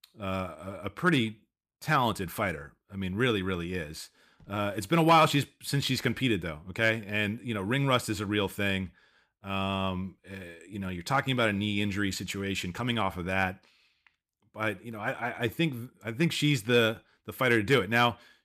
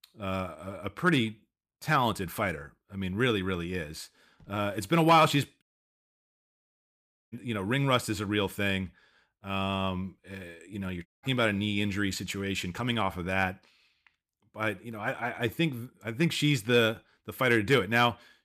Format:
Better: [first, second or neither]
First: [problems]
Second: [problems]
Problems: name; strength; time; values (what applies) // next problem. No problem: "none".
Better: first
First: none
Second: audio cutting out; at 5.5 s for 1.5 s and at 11 s